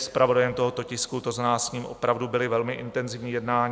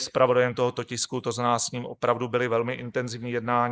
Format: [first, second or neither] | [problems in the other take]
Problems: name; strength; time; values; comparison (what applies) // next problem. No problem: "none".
first | noise reduction (neural mask model Resemble Enhance denoiser)